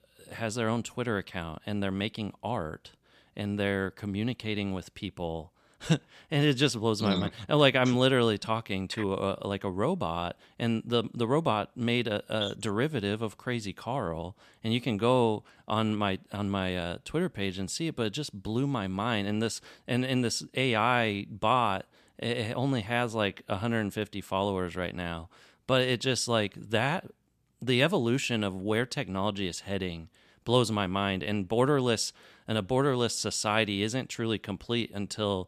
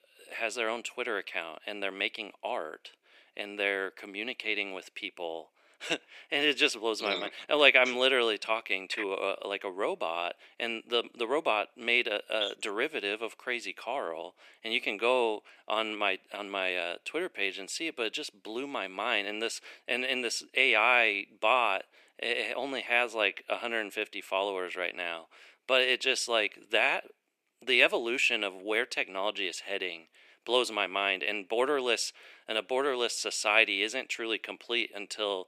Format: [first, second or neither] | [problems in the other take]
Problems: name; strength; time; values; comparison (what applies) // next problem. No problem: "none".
first | thin; very; fading below 350 Hz